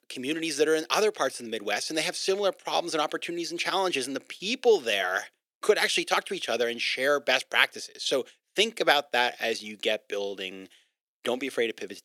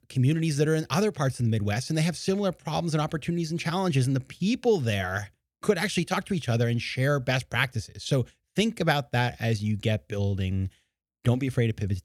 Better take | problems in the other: second | thin; very; fading below 350 Hz

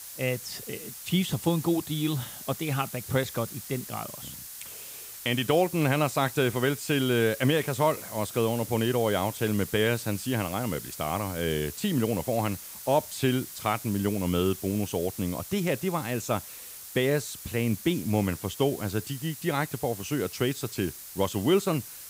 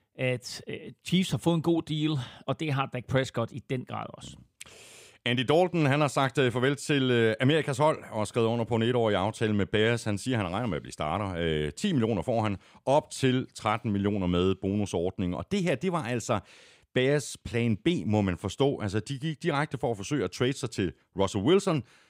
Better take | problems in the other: second | hiss; noticeable; throughout; 10 dB below the speech

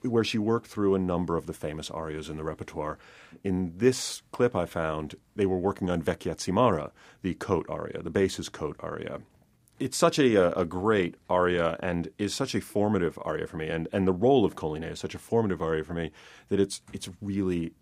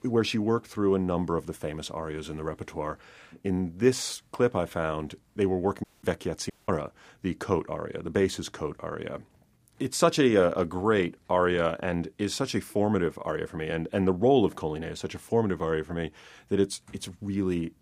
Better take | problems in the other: first | audio cutting out; at 6 s and at 6.5 s

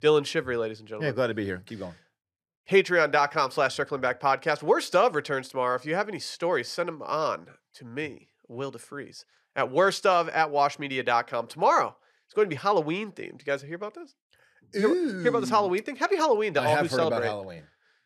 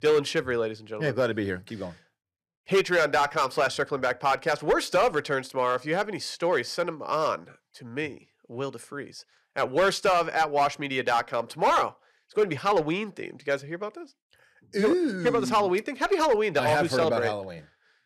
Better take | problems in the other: first | distortion; slight; 4% of the sound clipped

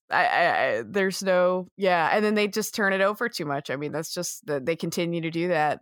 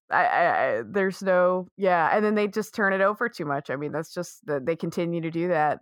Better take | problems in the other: first | muffled; slightly; fading above 2 kHz

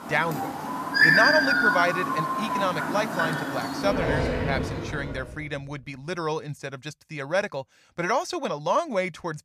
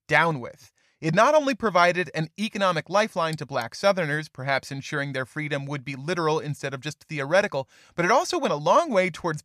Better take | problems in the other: second | animal sounds; very loud; until 5 s; 5 dB above the speech

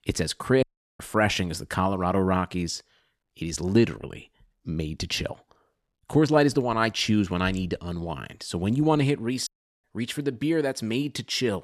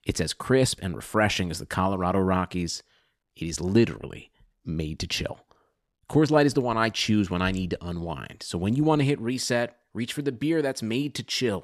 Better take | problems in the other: second | audio cutting out; at 0.5 s and at 9.5 s

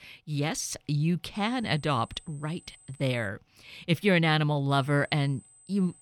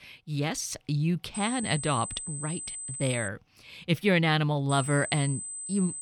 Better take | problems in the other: first | high-pitched whine; loud; from 1.5 to 3.5 s and from 4.5 s on; 8 kHz, 7 dB below the speech; faint in the first

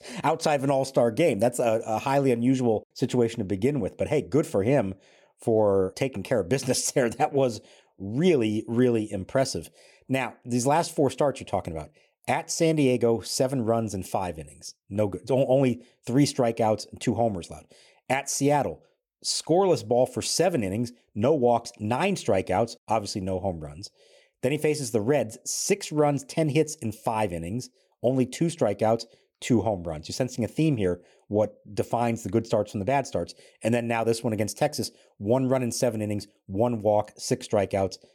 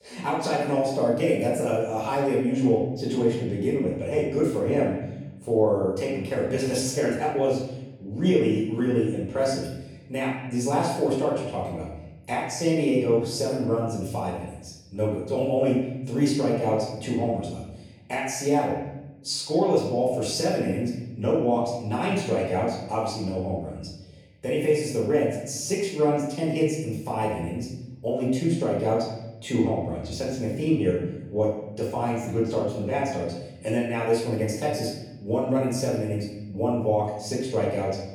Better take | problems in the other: first | off-mic speech; far // room echo; noticeable; dies away in 1 s

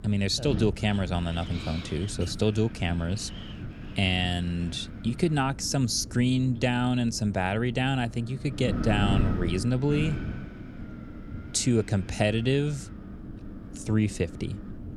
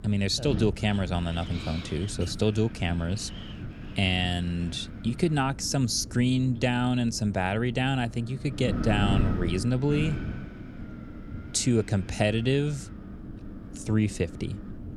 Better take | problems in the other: neither | wind noise on the microphone; occasional gusts; 10 dB below the speech; the same in both

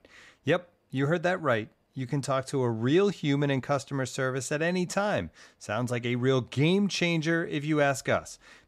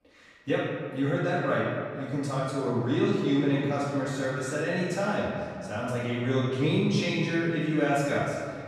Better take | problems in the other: first | room echo; strong; dies away in 2.1 s // off-mic speech; far

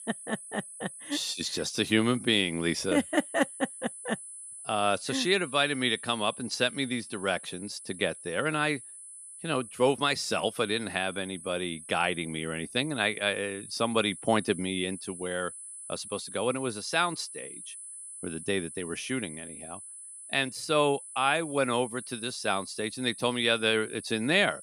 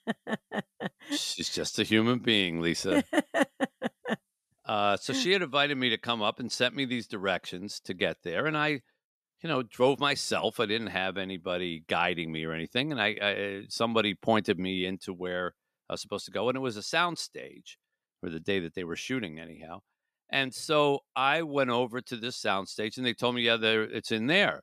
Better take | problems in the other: second | high-pitched whine; noticeable; throughout; 10 kHz, 10 dB below the speech

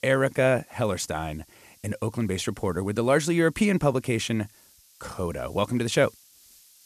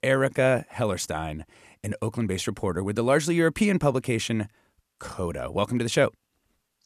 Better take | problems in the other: second | hiss; faint; throughout; 30 dB below the speech

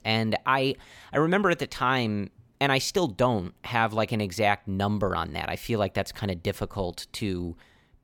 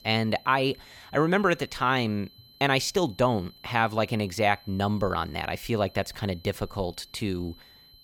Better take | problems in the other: first | high-pitched whine; faint; throughout; 4 kHz, 25 dB below the speech

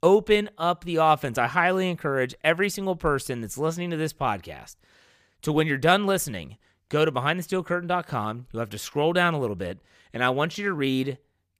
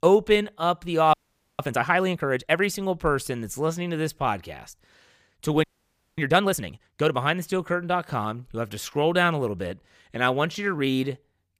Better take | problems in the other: first | audio freezing; at 1 s and at 5.5 s for 0.5 s

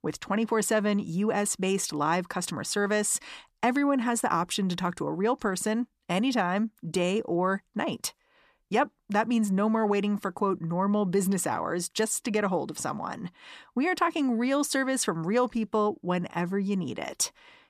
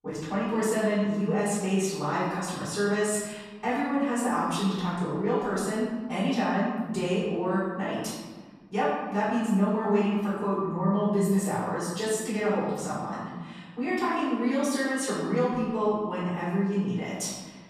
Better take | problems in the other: first | off-mic speech; far // room echo; strong; dies away in 1.4 s

